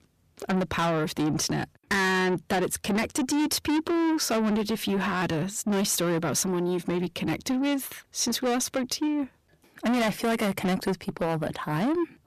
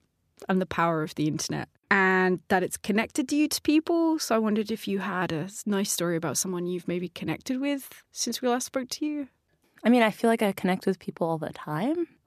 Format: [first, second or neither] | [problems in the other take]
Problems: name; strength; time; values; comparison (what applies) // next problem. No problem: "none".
second | distortion; heavy; 6 dB below the speech